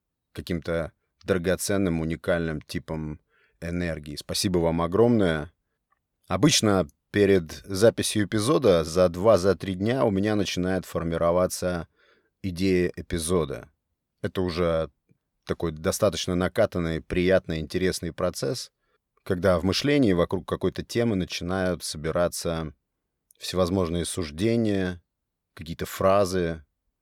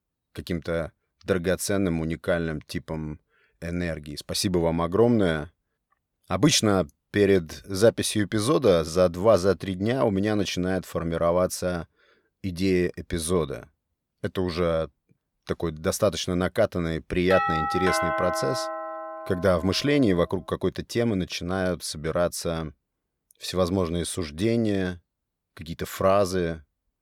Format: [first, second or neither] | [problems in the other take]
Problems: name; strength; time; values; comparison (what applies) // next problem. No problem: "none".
first | doorbell; loud; from 17 to 20 s; peak level with the speech